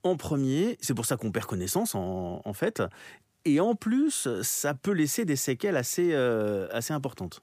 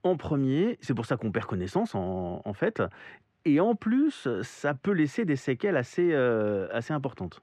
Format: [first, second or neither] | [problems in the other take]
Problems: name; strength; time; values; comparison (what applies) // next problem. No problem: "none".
first | muffled; very; fading above 2 kHz